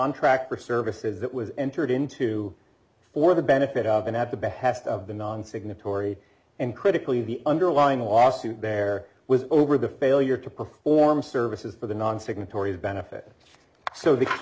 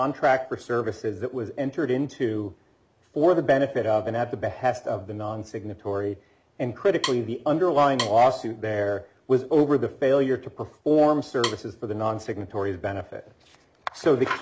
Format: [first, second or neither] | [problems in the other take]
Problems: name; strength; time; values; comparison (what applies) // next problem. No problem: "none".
first | background sound (Wood); 11 dB below the speech